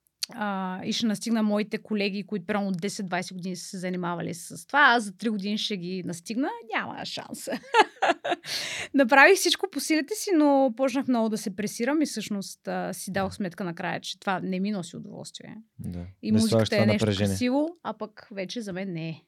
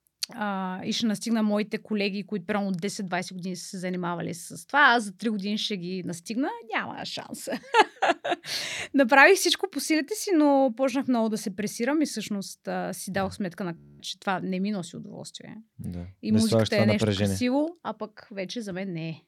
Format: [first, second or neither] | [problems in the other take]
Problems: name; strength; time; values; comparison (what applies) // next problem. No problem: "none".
first | audio freezing; at 14 s